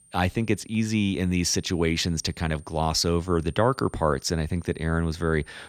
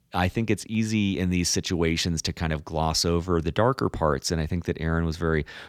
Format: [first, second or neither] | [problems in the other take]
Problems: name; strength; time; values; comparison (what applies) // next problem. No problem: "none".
second | high-pitched whine; faint; throughout; 9 kHz, 30 dB below the speech